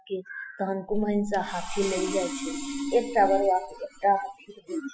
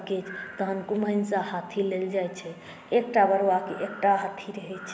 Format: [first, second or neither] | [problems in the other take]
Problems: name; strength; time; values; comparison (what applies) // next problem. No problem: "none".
second | noise reduction (classical method Wiener filter)